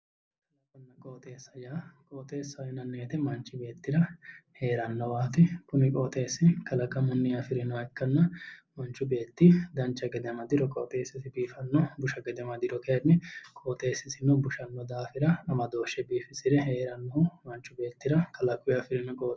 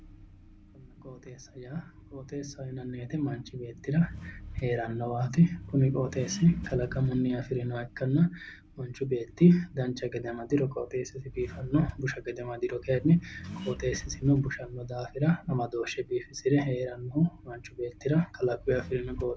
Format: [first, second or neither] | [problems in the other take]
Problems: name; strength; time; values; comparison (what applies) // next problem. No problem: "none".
first | background sound (Accelerating, revving, vroom); 16 dB below the speech